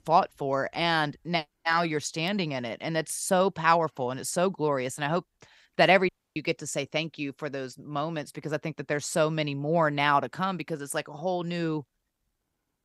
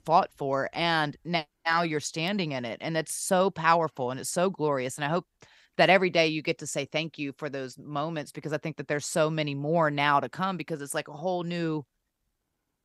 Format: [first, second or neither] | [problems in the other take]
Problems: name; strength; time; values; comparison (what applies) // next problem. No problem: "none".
second | audio cutting out; at 6 s